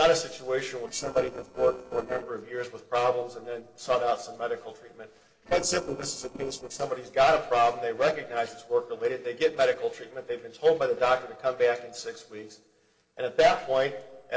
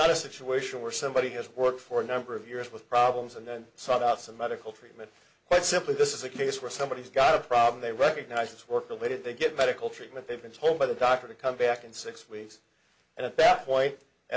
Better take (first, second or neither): second